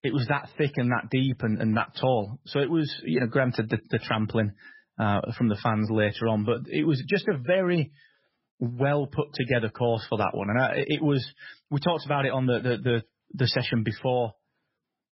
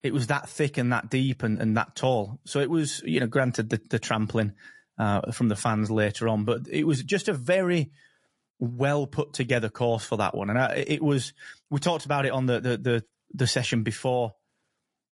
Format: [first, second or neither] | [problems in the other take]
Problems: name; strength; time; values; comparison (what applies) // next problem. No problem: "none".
second | garbled, watery; badly; nothing above 5.5 kHz; slightly in the second